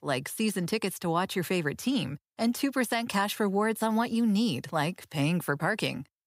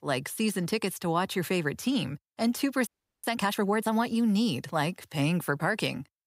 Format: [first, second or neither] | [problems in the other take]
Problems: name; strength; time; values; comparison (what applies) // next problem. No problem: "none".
first | audio freezing; at 3 s